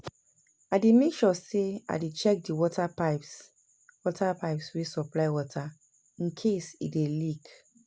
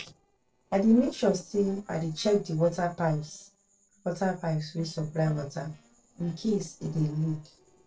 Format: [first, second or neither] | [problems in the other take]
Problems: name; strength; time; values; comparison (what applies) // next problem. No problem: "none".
first | noise reduction (neural separator model SepFormer DNS4)